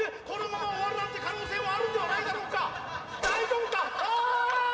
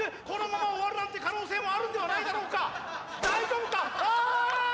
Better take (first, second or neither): second